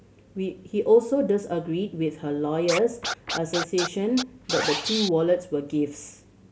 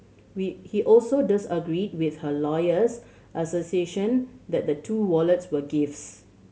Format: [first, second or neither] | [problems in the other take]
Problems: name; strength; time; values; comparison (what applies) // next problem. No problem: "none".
second | background sound (Scratching (performance technique)); 6 dB below the speech